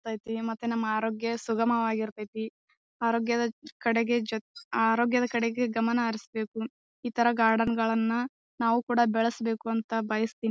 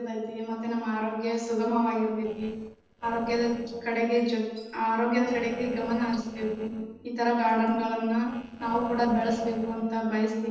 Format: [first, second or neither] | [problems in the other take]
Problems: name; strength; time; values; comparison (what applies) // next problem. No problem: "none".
first | noise reduction (neural separator model SepFormer DNS4)